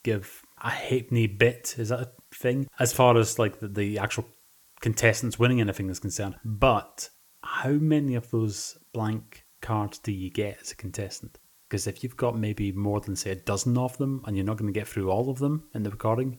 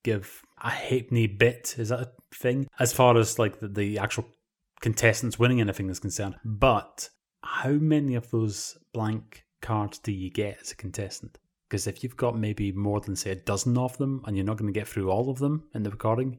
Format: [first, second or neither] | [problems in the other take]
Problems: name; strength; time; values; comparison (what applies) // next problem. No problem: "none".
second | hiss; faint; throughout; 30 dB below the speech